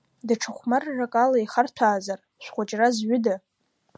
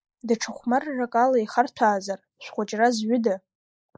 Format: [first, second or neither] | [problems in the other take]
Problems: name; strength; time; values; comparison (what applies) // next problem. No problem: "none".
first | noise reduction (neural mask model Resemble Enhance denoiser)